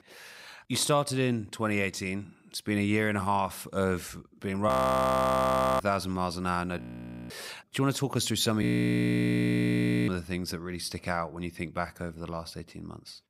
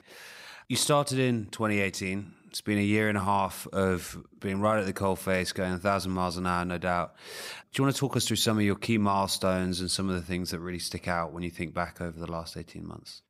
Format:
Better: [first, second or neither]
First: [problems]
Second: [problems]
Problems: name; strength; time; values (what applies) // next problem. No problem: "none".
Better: second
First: audio freezing; at 4.5 s for 1 s, at 7 s for 0.5 s and at 8.5 s for 1.5 s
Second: none